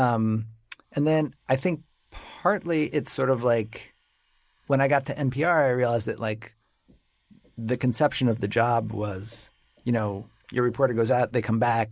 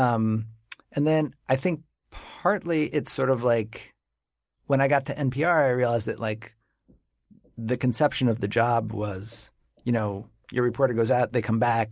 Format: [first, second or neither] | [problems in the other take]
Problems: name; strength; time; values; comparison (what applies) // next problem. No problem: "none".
second | noise reduction (neural mask model Resemble Enhance denoiser)